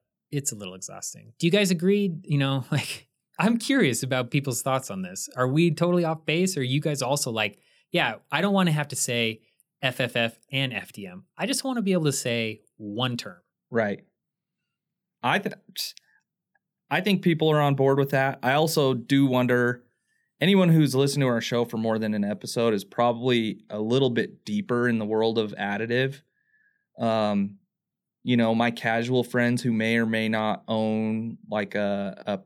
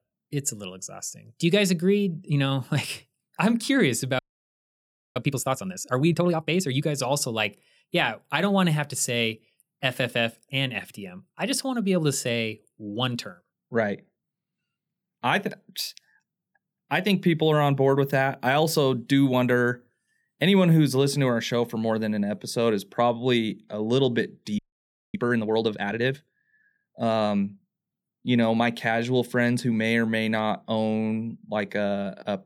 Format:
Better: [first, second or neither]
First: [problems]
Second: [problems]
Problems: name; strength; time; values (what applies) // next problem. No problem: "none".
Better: first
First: none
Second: audio freezing; at 4 s for 1 s and at 25 s for 0.5 s